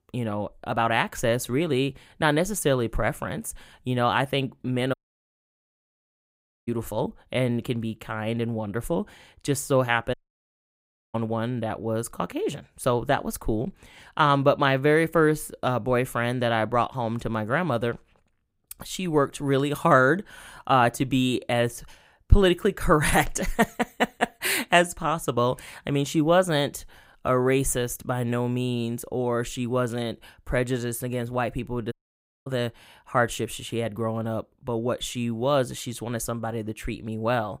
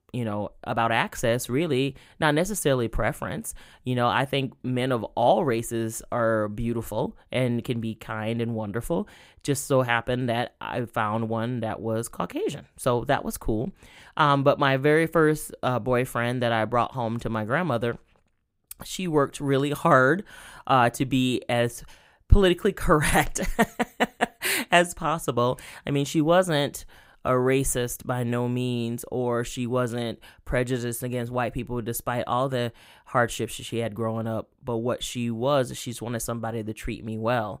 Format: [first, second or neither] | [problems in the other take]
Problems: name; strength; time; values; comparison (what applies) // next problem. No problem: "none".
second | audio cutting out; at 5 s for 1.5 s, at 10 s for 1 s and at 32 s for 0.5 s